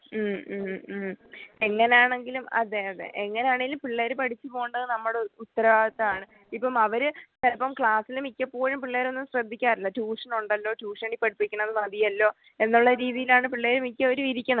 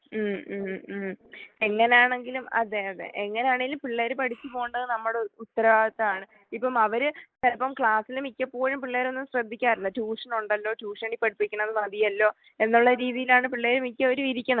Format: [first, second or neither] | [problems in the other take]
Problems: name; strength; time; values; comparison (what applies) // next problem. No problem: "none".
first | noise reduction (neural mask model Resemble Enhance denoiser)